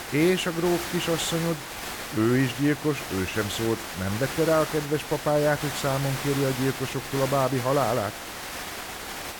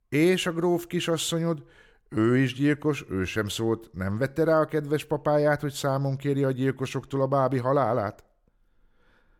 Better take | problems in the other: second | hiss; loud; throughout; 7 dB below the speech

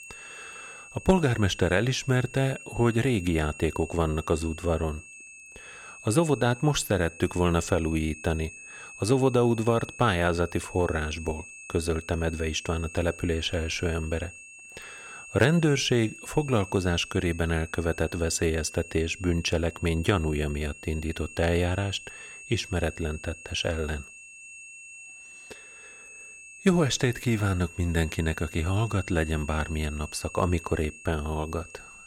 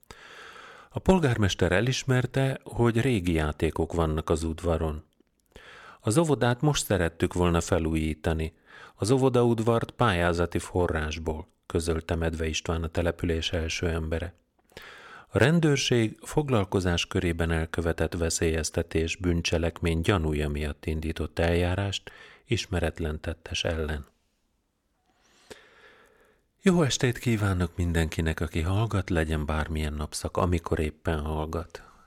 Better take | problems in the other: second | high-pitched whine; noticeable; throughout; 2.5 kHz, 15 dB below the speech

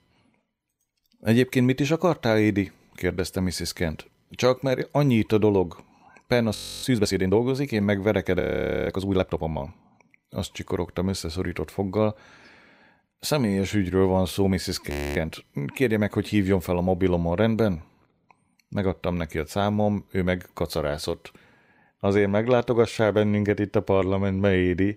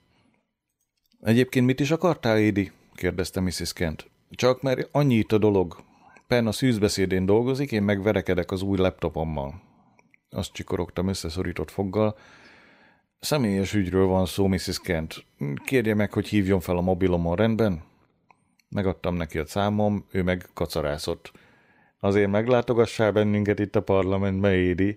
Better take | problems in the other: second | audio freezing; at 6.5 s, at 8.5 s and at 15 s

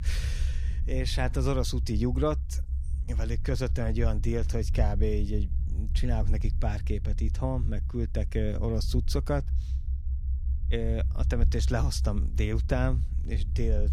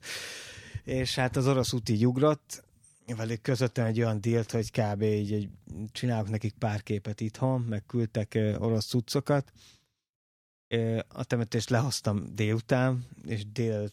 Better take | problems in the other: second | low rumble; noticeable; throughout; 15 dB below the speech

